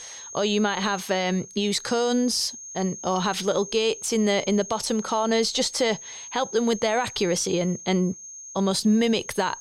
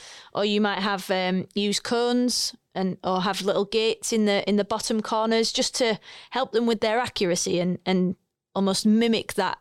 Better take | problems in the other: second | high-pitched whine; noticeable; throughout; 6.5 kHz, 15 dB below the speech

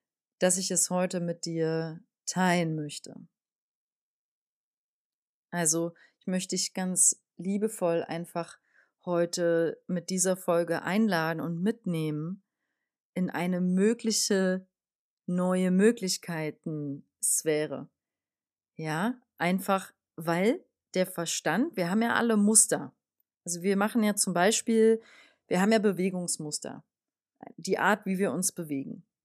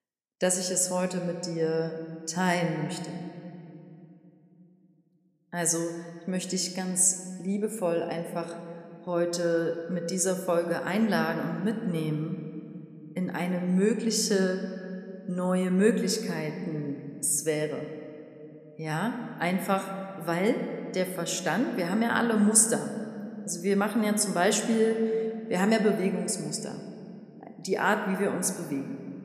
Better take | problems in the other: first | room echo; very slight; dies away in 2.1 s

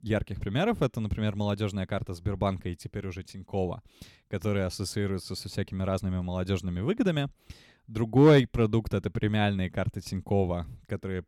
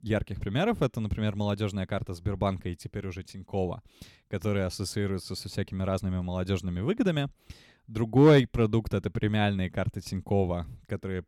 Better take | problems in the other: neither | none

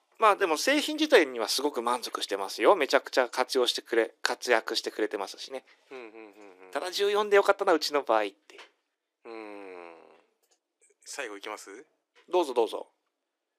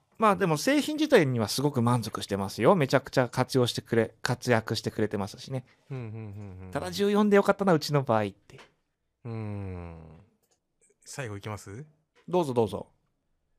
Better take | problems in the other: second | thin; very; fading below 300 Hz

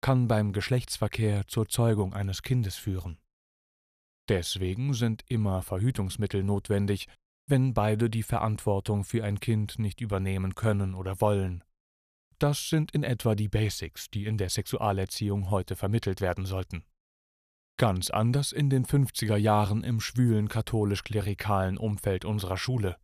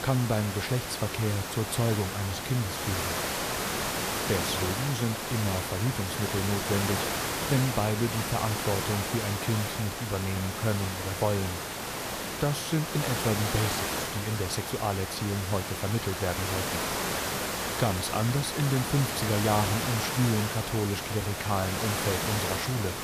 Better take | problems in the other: first | hiss; loud; throughout; 1 dB below the speech

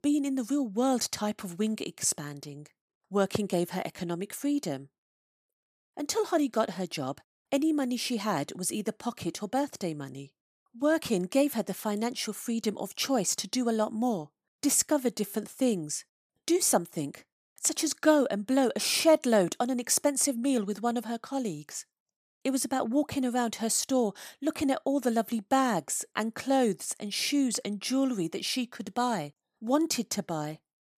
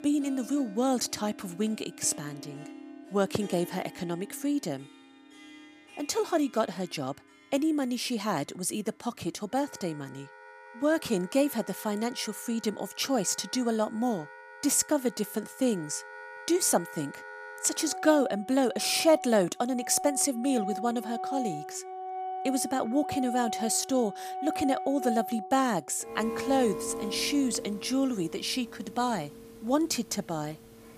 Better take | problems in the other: first | background music; noticeable; throughout; 10 dB below the speech

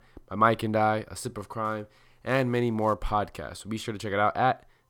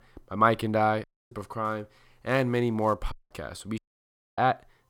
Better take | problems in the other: first | audio cutting out; at 1 s, at 3 s and at 4 s for 0.5 s

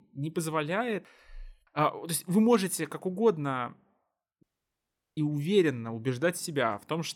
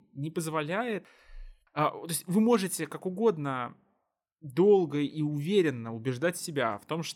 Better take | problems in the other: second | audio cutting out; at 4.5 s for 0.5 s

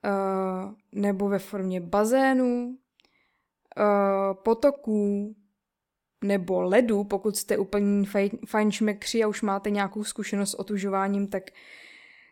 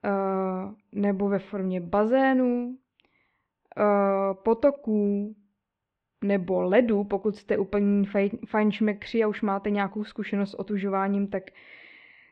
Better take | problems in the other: first | muffled; very; fading above 3 kHz

